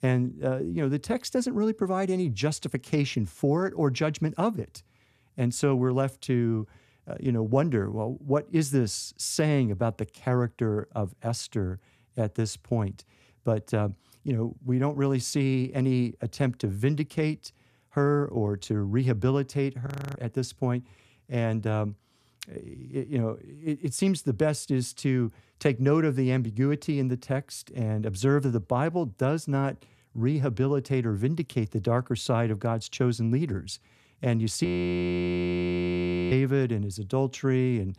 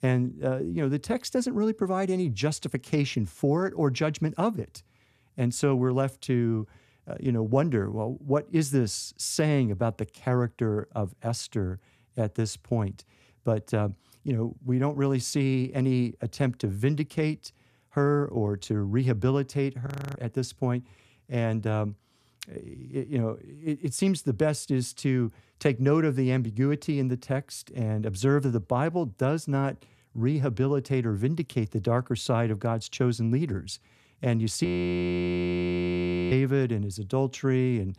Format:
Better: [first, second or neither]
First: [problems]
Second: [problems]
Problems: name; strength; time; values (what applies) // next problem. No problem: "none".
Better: neither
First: audio freezing; at 20 s and at 35 s for 1.5 s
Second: audio freezing; at 20 s and at 35 s for 1.5 s